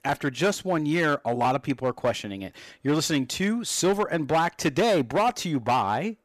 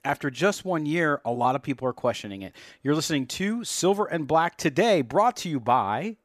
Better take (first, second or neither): second